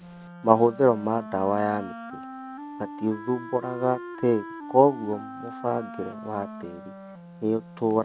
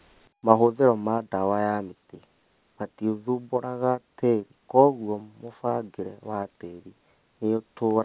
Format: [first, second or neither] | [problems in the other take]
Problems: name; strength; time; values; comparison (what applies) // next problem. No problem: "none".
second | background sound (Wind instrument, woodwind instrument); 13 dB below the speech